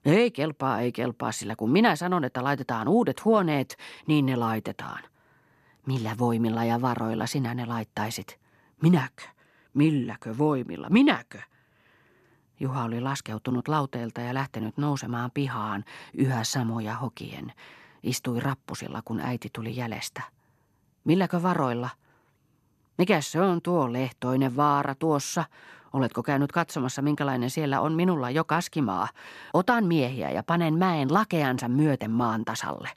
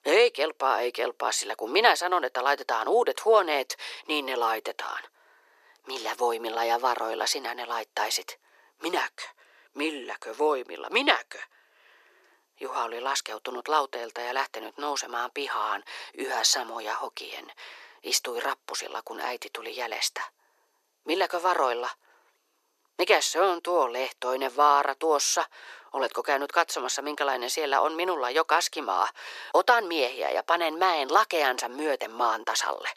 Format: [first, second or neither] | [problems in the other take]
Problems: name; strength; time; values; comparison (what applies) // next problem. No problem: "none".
first | thin; very; fading below 400 Hz